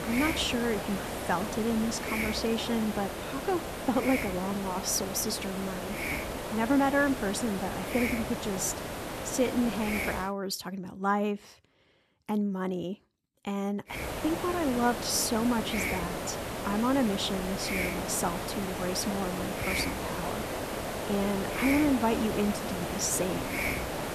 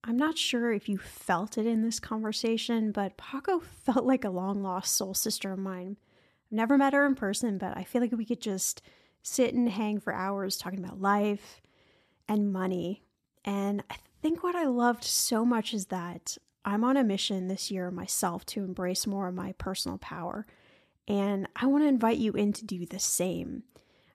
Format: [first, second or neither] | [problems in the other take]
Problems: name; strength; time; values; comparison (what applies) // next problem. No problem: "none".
second | hiss; loud; until 10 s and from 14 s on; 3 dB below the speech